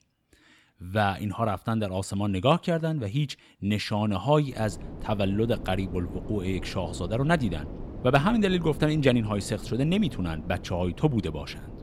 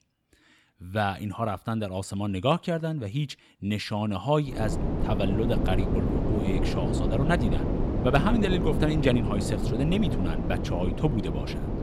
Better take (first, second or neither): first